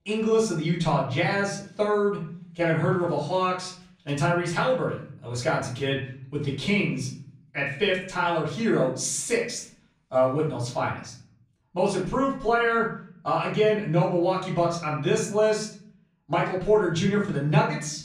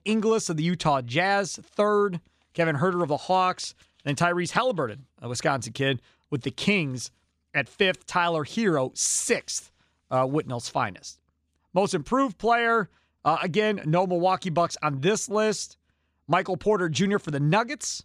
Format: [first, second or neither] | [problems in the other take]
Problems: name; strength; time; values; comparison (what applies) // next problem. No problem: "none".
second | off-mic speech; far // room echo; slight; dies away in 0.6 s